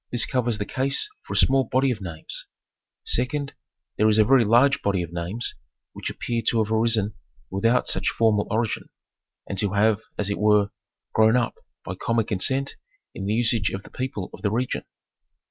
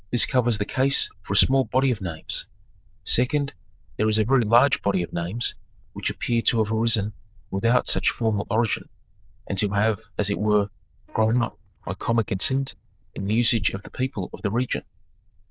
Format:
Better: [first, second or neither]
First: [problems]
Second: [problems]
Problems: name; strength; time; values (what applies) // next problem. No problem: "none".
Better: first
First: none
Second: noise reduction (neural diffusion model UNIVERSE++)